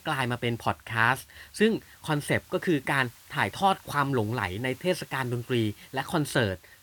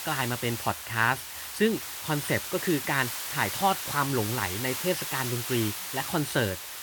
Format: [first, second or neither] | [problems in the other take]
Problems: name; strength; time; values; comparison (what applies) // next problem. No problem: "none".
first | hiss; loud; throughout; 4 dB below the speech; faint in the first